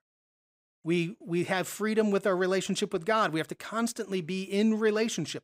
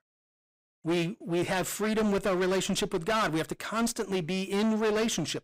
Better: first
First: none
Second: distortion; heavy; 20% of the sound clipped

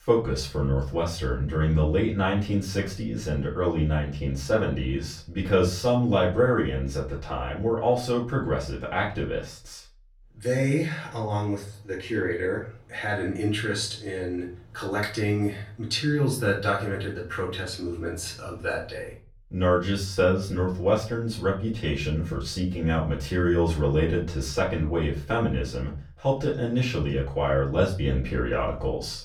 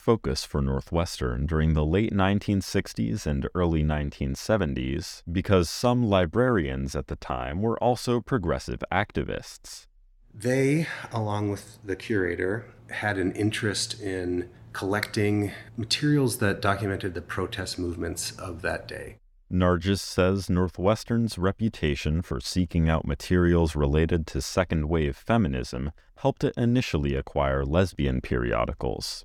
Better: second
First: room echo; slight; dies away in 0.3 s // off-mic speech; far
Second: none

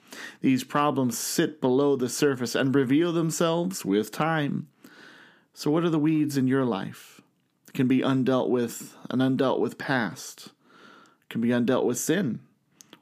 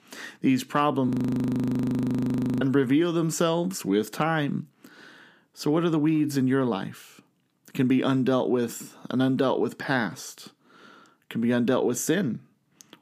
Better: first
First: none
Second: audio freezing; at 1 s for 1.5 s

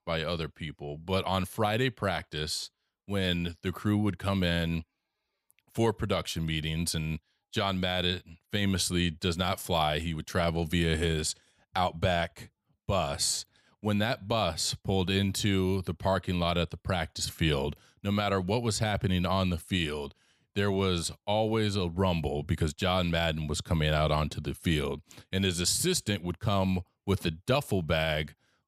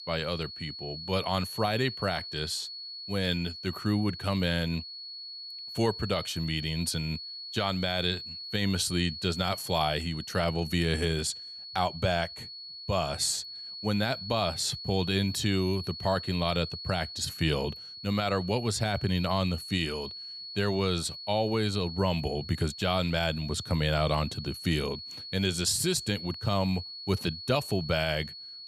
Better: first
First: none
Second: high-pitched whine; loud; throughout; 4.5 kHz, 9 dB below the speech

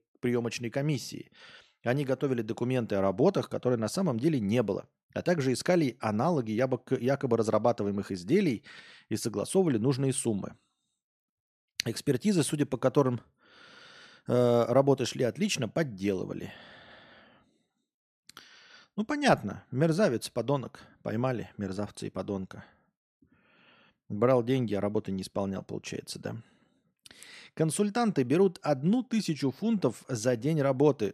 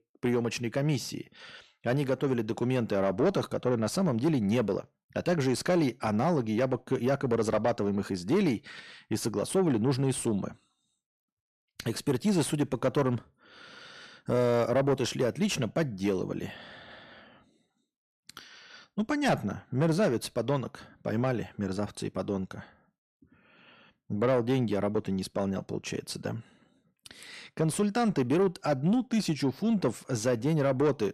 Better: first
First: none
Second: distortion; slight; 10 dB below the speech

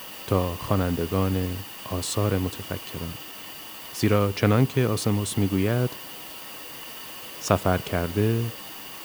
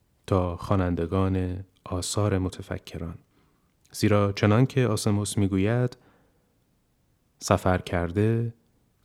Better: second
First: hiss; noticeable; throughout; 10 dB below the speech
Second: none

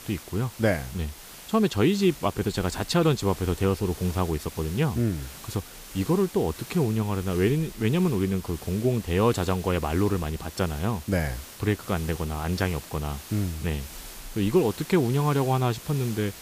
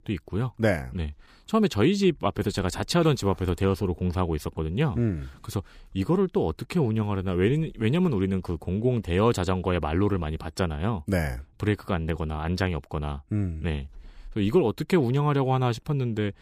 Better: second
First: hiss; noticeable; throughout; 15 dB below the speech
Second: none

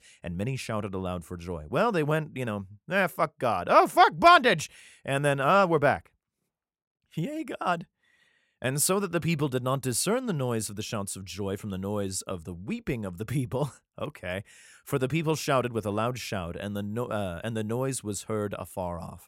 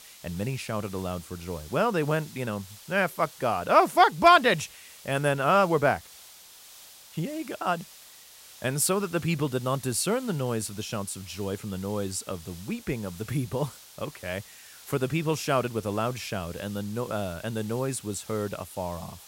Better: first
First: none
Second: hiss; noticeable; throughout; 20 dB below the speech

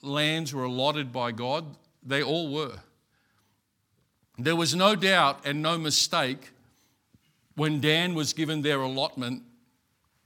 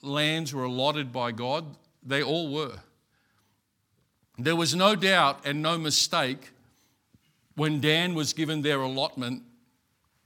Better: neither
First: none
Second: none

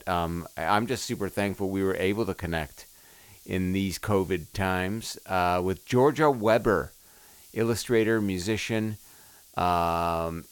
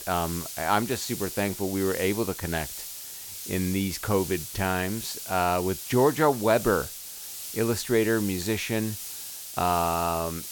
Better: first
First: hiss; faint; throughout; 25 dB below the speech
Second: hiss; loud; throughout; 8 dB below the speech

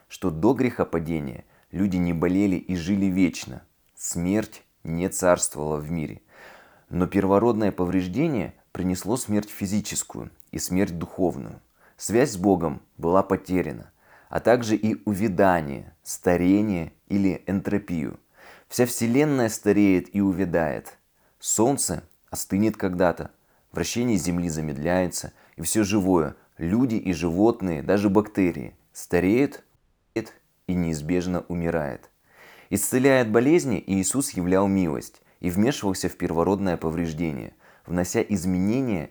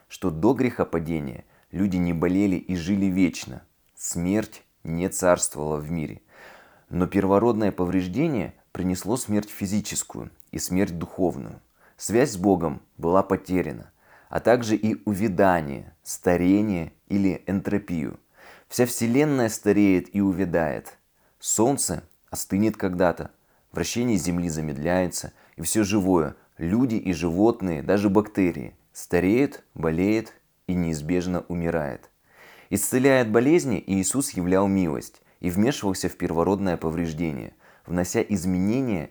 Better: second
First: audio cutting out; at 30 s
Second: none

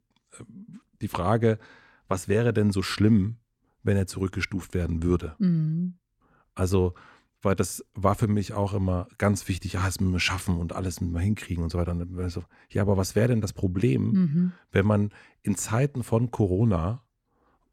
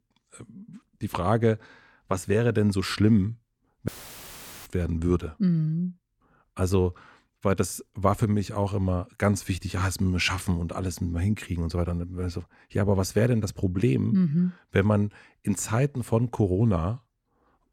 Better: first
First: none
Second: audio cutting out; filled with static; at 4 s for 1 s

